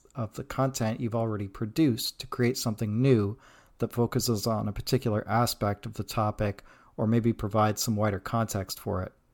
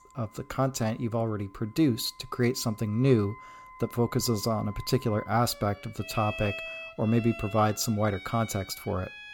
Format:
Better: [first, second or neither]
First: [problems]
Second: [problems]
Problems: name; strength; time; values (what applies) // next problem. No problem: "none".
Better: first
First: none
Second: background music; noticeable; throughout; 15 dB below the speech